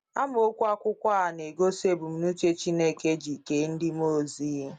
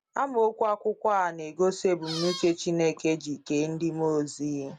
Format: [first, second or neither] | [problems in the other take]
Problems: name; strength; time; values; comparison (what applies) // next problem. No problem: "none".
first | background sound (Squeak); 10 dB below the speech